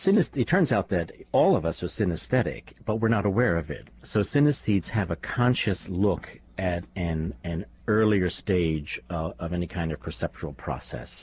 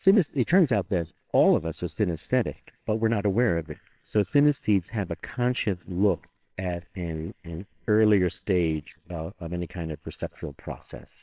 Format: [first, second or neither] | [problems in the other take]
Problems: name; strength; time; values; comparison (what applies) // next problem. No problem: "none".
first | noise reduction (neural separator model SepFormer WHAMR!)